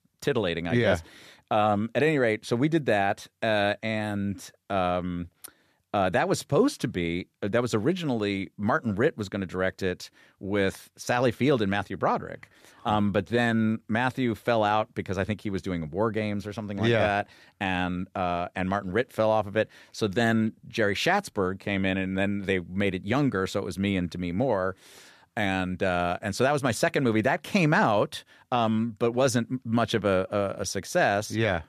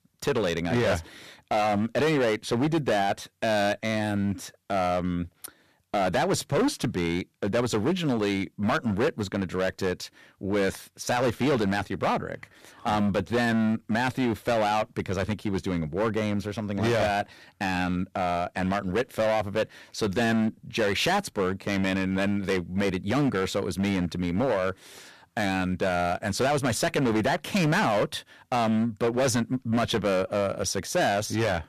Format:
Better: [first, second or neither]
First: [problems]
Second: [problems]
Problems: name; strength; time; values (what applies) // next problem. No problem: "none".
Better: first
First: none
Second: distortion; heavy; 13% of the sound clipped